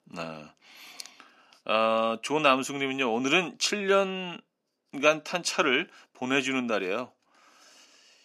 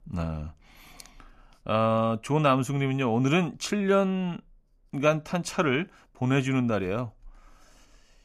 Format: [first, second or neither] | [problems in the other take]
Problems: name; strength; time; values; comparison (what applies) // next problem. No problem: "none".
second | thin; very slightly; fading below 250 Hz